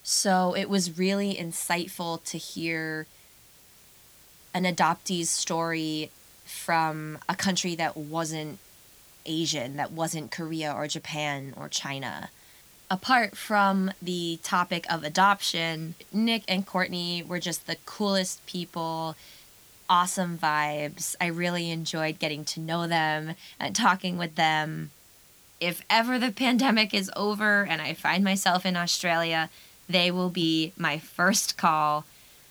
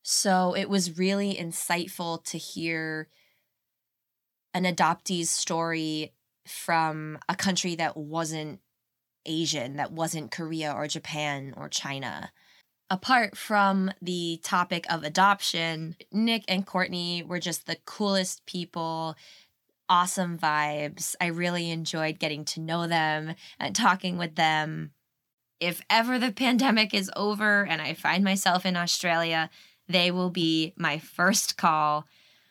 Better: second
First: hiss; faint; throughout; 25 dB below the speech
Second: none

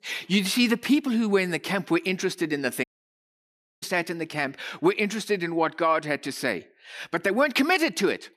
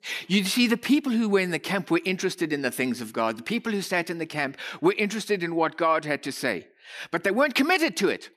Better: second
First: audio cutting out; at 3 s for 1 s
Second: none

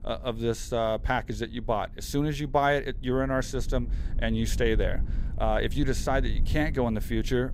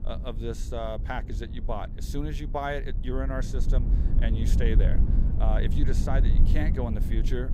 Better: first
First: low rumble; faint; throughout; 25 dB below the speech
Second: low rumble; loud; throughout; 8 dB below the speech

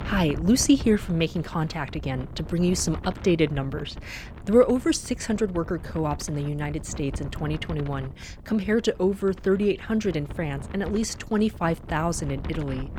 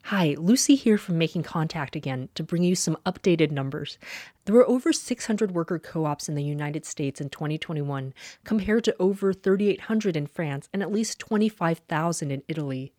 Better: second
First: wind noise on the microphone; occasional gusts; 15 dB below the speech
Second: none

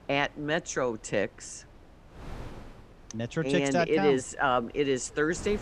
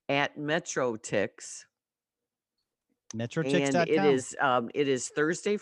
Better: second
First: wind noise on the microphone; occasional gusts; 25 dB below the speech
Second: none

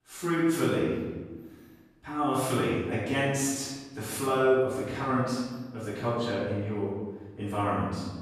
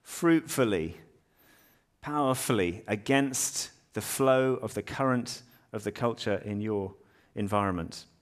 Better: second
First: room echo; strong; dies away in 1.2 s // off-mic speech; far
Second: none

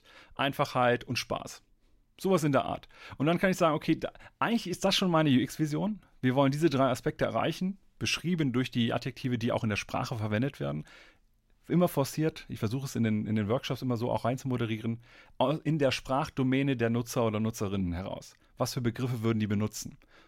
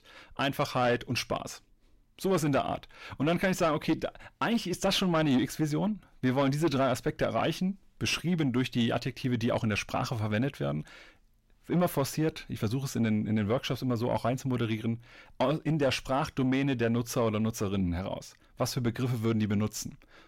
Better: first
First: none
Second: distortion; slight; 10 dB below the speech

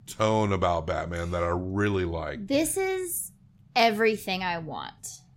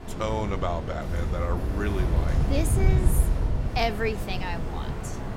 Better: first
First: none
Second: wind in the background; very loud; throughout; 3 dB above the speech

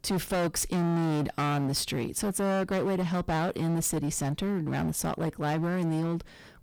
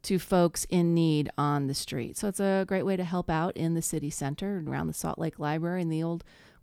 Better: second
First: distortion; heavy; 25% of the sound clipped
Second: none

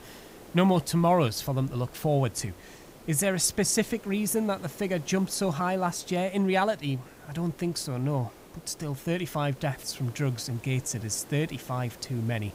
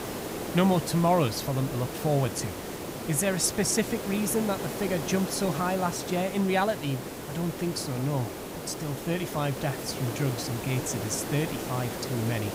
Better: first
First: hiss; faint; throughout; 20 dB below the speech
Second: hiss; loud; throughout; 6 dB below the speech

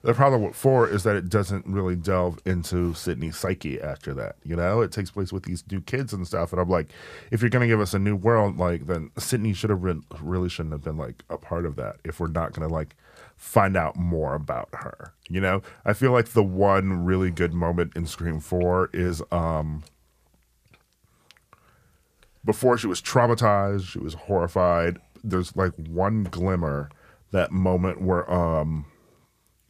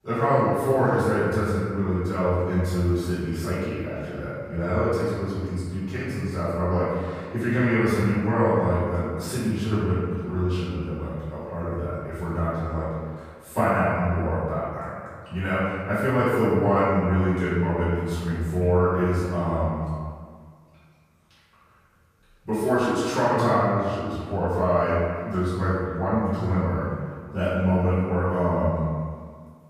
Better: first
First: none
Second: off-mic speech; far // room echo; strong; dies away in 1.7 s

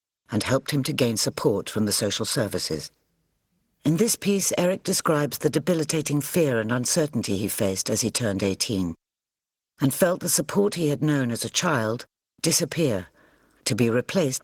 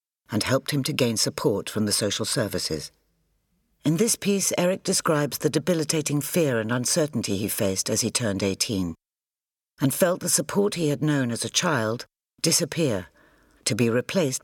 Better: second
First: garbled, watery; slightly; nothing above 17 kHz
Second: none

